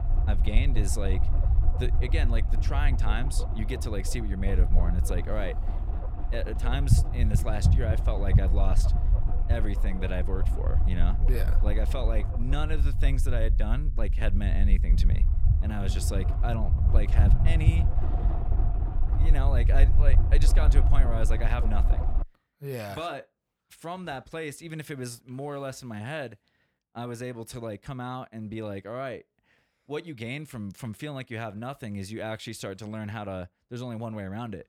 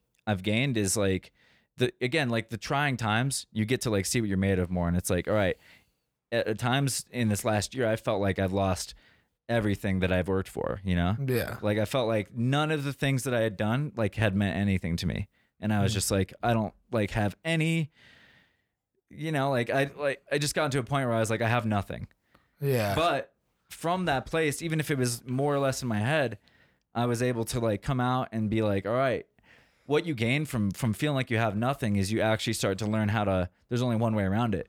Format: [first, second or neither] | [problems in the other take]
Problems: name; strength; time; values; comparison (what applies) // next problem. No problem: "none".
second | low rumble; loud; until 22 s; 6 dB below the speech